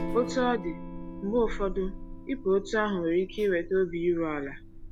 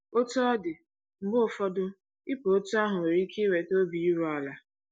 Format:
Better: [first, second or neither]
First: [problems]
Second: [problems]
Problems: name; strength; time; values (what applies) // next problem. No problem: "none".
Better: second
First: background sound (Electric guitar / Strum + Alarm); 9 dB below the speech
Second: none